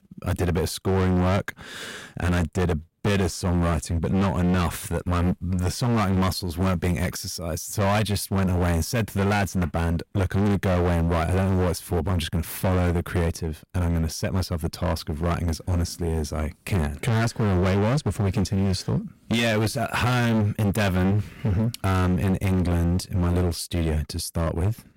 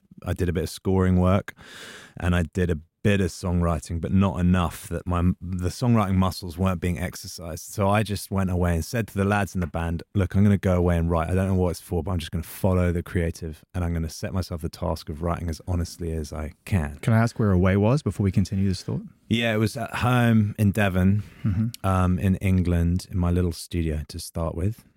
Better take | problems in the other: second | distortion; heavy; 23% of the sound clipped

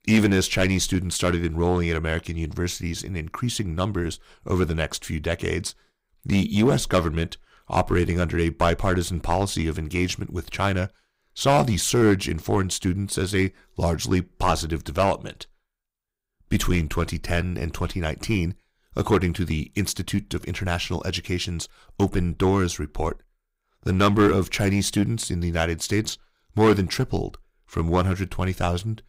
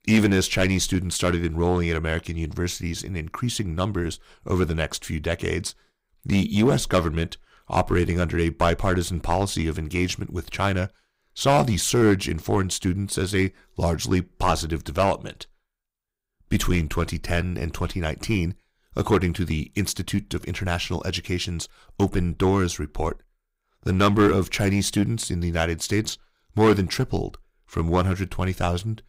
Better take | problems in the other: neither | distortion; slight; 2% of the sound clipped; the same in both

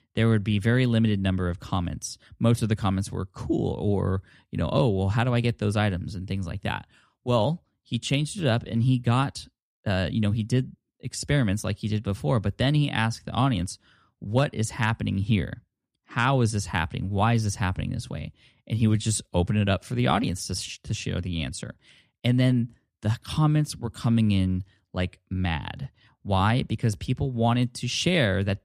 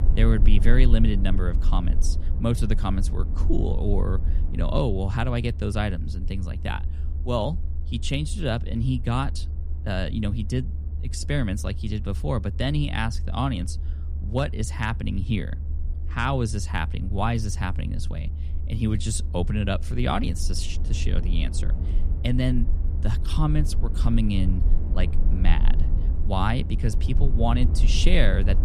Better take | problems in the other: first | low rumble; noticeable; throughout; 15 dB below the speech

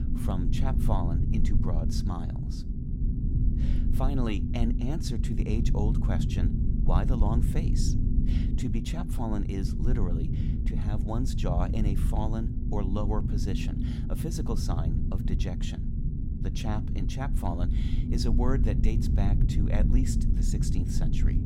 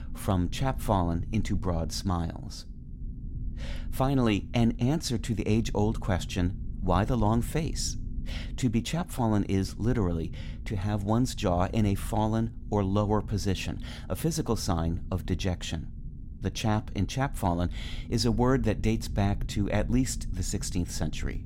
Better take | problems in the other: second | low rumble; loud; throughout; 3 dB below the speech; faint in the second

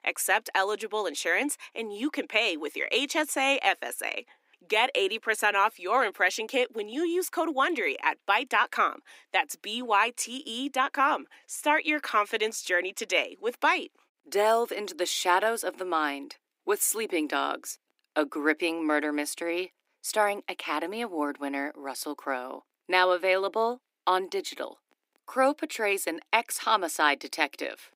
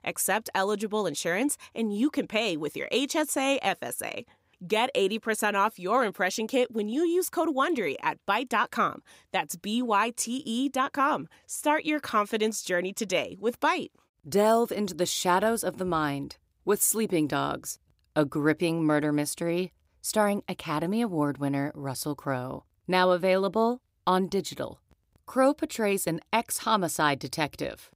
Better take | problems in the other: second | thin; somewhat; fading below 300 Hz

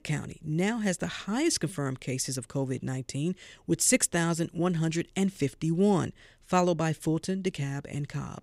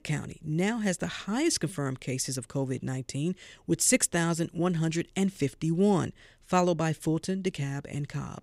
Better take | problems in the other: neither | none

